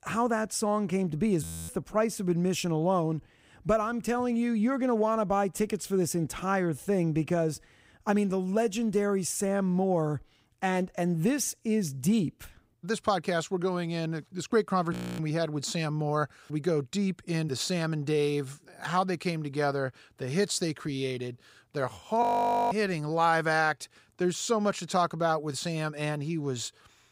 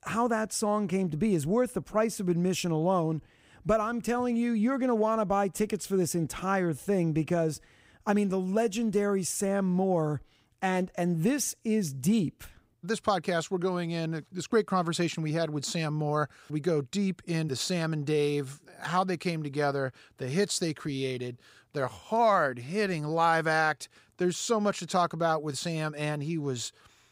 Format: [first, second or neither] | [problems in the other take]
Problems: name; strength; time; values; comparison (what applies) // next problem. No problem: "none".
second | audio freezing; at 1.5 s, at 15 s and at 22 s